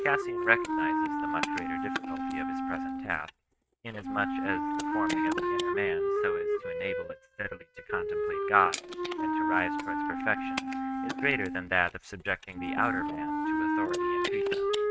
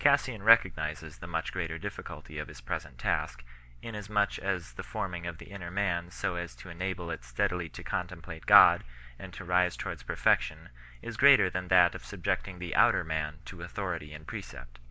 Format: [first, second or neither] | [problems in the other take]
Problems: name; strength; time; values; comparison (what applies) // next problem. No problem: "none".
second | noise reduction (neural mask model RNNoise)